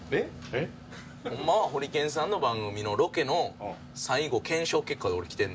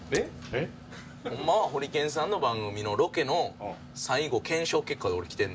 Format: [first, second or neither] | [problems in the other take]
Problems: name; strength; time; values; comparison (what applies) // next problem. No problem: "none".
first | background sound (Shatter); 18 dB below the speech